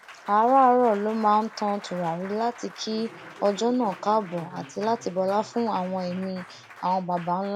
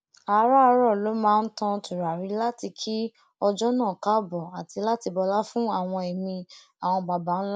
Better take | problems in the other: second | background sound (Applause); 19 dB below the speech

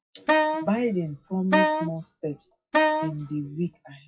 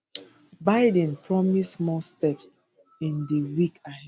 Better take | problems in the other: second | noise reduction (classical method WPE with log-MMSE)

